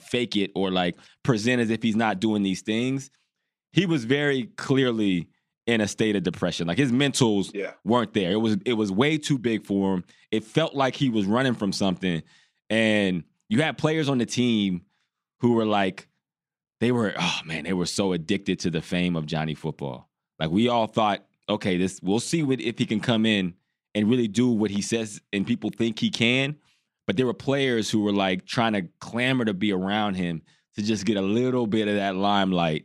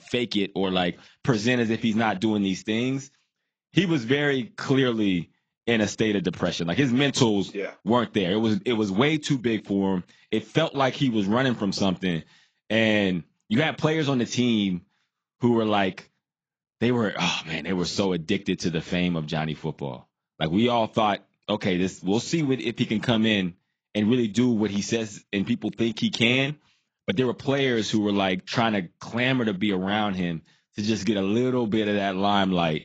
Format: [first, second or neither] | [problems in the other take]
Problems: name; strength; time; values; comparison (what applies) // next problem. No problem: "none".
first | garbled, watery; badly; nothing above 7.5 kHz